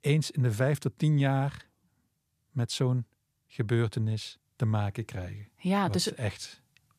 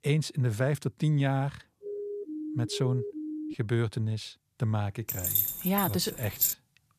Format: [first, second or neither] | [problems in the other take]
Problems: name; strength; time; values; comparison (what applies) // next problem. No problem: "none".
first | siren; noticeable; from 2 to 3.5 s; peak 6 dB below the speech // jangling keys; loud; from 5 s on; peak 4 dB above the speech